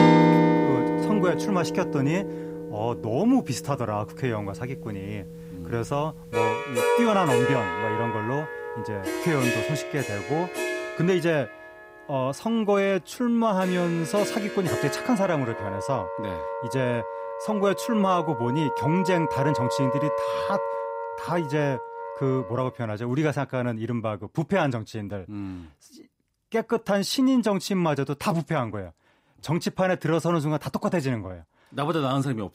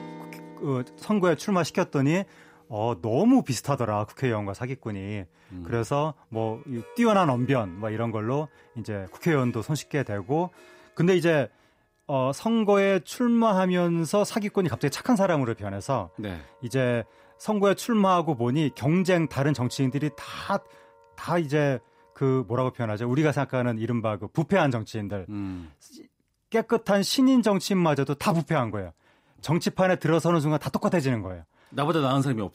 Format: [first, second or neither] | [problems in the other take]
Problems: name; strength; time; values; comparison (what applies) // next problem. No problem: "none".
second | background music; loud; until 22 s; 2 dB below the speech; faint in the second